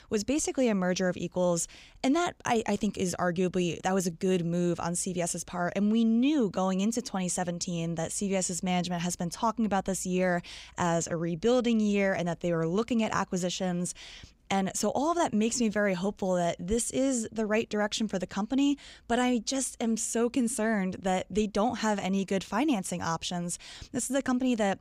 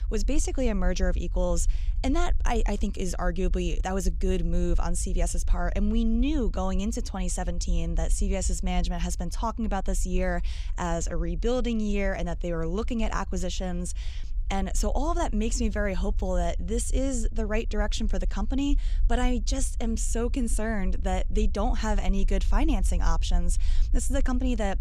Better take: first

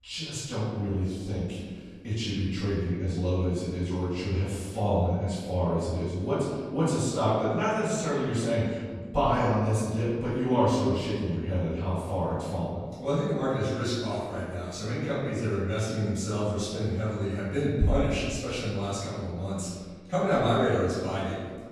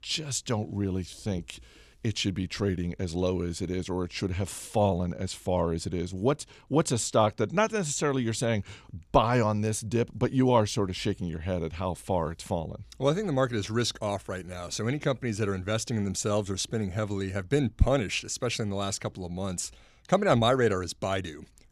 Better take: second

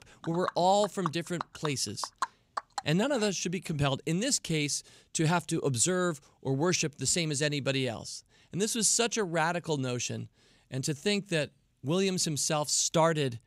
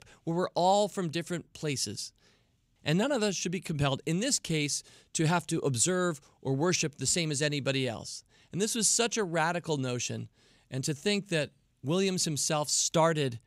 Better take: second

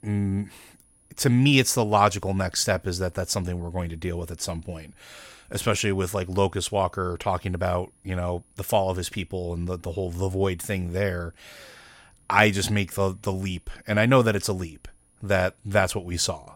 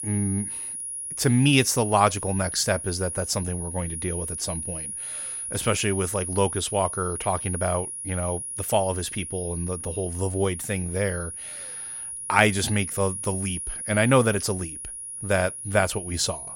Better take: first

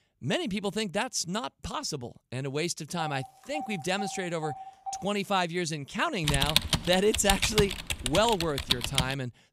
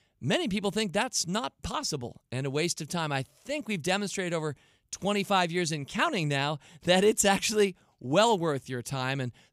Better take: second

